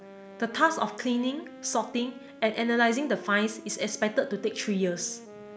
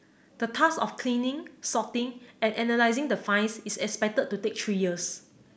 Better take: second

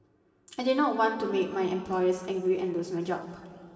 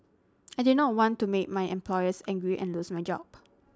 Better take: second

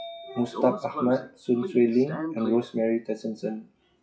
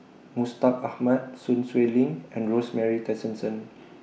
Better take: second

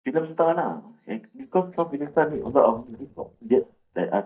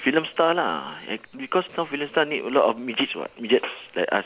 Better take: second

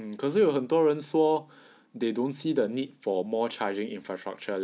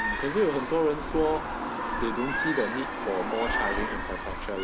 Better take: first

